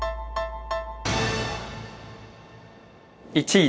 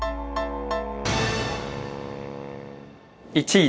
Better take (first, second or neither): first